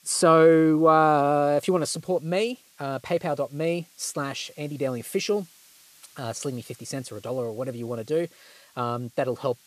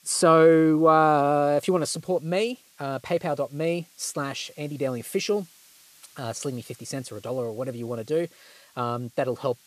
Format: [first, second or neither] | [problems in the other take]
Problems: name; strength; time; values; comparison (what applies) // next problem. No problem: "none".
neither | hiss; faint; throughout; 30 dB below the speech; the same in both